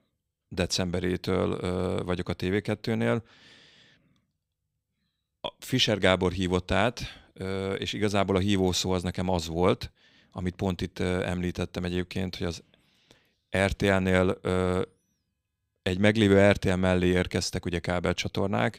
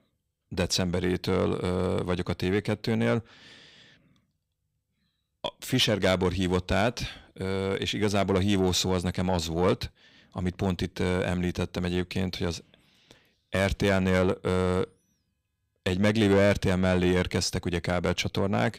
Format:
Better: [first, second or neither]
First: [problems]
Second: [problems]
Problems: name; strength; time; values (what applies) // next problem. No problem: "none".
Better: first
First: none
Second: distortion; slight; 10 dB below the speech